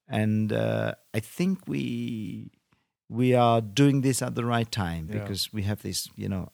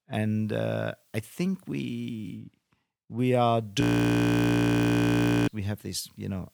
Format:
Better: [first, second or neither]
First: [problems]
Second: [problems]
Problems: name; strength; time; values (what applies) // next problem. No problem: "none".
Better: first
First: none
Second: audio freezing; at 4 s for 1.5 s